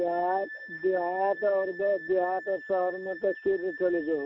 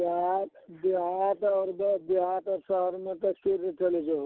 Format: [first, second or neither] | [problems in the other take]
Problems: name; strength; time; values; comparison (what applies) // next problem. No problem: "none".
second | background sound (Wind instrument, woodwind instrument); 14 dB below the speech